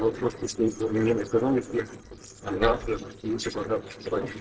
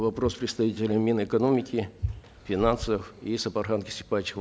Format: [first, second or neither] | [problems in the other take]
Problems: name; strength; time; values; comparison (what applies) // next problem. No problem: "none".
second | noise reduction (neural separator model SepFormer DNS4)